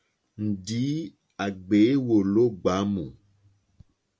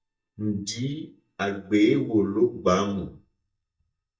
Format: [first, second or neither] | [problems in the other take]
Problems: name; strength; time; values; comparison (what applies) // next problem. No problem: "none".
first | noise reduction (neural mask model DeepFilterNet 3)